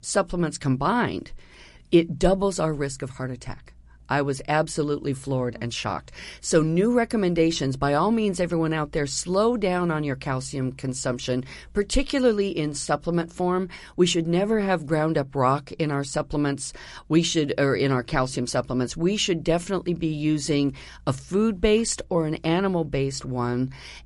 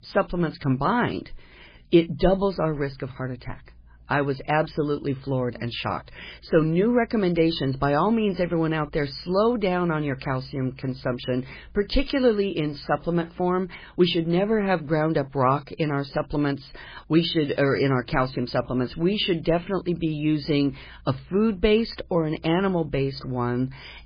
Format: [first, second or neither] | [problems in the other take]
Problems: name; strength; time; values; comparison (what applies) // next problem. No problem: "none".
first | garbled, watery; badly; nothing above 5 kHz; slightly in the first